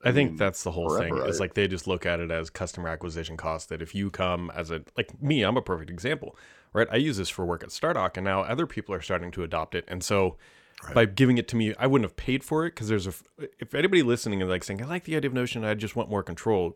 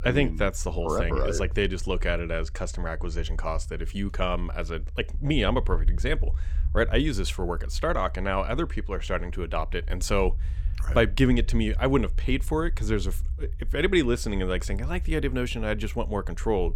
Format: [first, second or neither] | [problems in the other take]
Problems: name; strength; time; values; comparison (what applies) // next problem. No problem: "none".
first | low rumble; faint; throughout; 25 dB below the speech